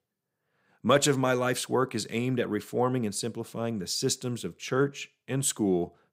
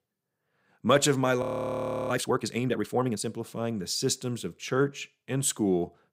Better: first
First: none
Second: audio freezing; at 1.5 s for 0.5 s

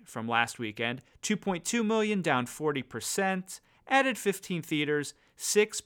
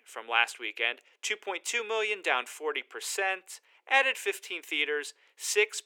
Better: first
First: none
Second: thin; very; fading below 350 Hz

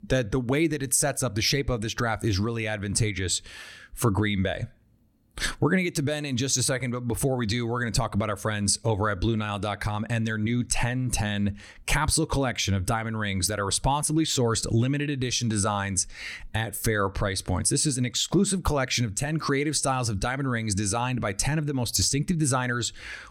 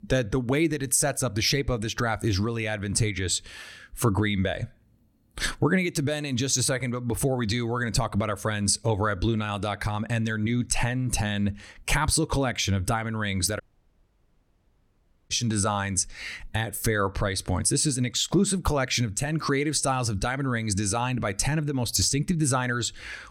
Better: first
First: none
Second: audio cutting out; at 14 s for 1.5 s

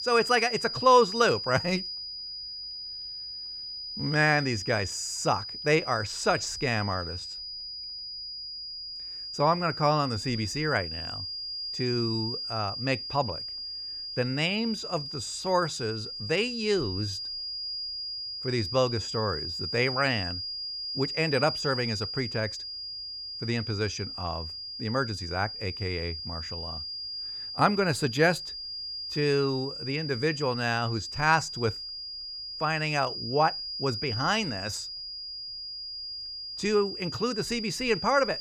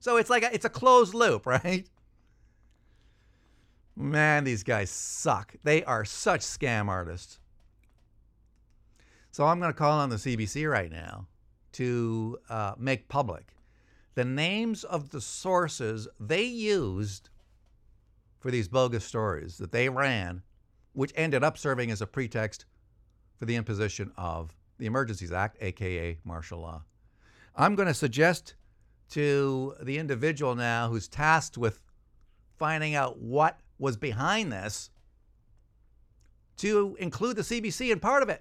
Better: second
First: high-pitched whine; loud; throughout; 5 kHz, 6 dB below the speech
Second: none

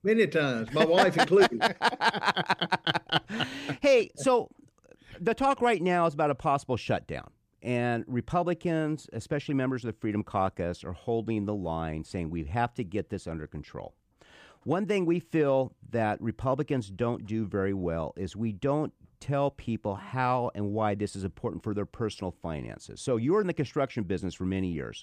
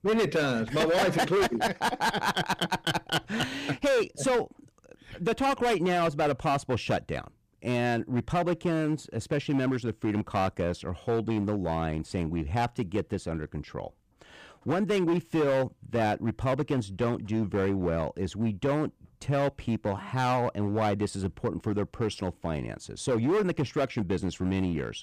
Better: first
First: none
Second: distortion; heavy; 12% of the sound clipped

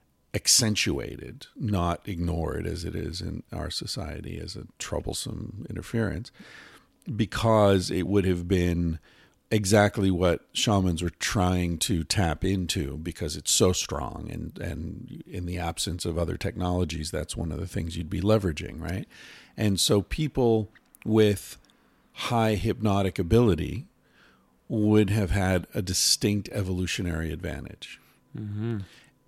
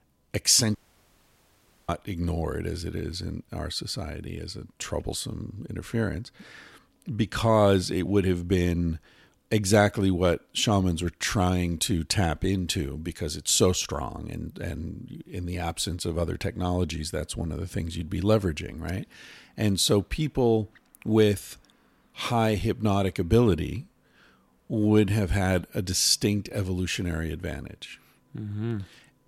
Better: first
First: none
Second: audio cutting out; at 1 s for 1 s

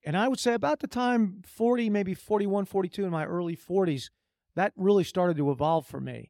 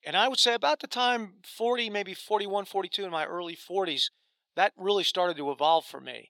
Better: first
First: none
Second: thin; very; fading below 500 Hz

